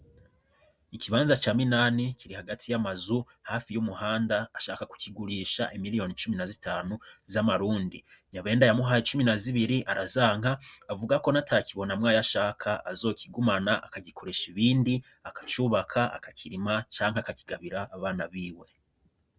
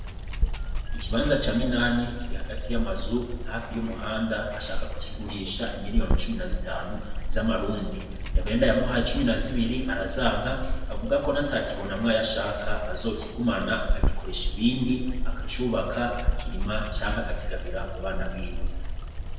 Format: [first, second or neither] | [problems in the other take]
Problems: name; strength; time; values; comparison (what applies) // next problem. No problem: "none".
first | background sound (Water); 1 dB above the speech // room echo; dies away in 0.9 s